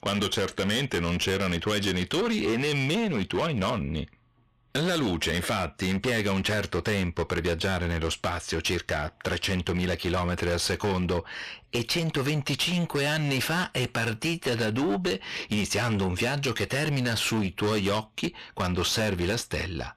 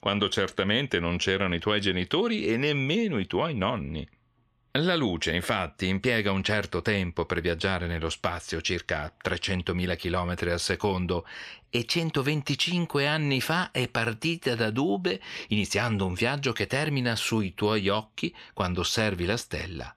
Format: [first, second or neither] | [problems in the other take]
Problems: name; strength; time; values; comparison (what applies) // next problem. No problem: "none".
second | distortion; heavy; 21% of the sound clipped